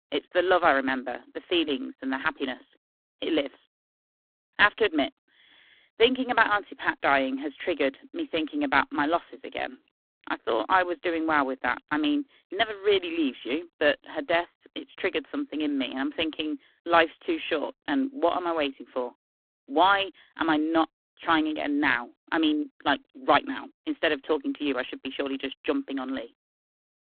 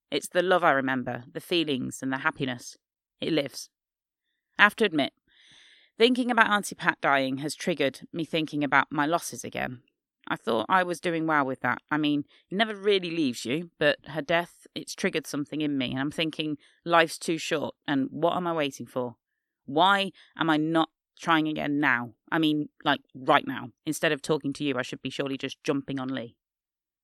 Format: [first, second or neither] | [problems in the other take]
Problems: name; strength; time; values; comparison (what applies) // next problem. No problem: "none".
second | phone-call audio; poor line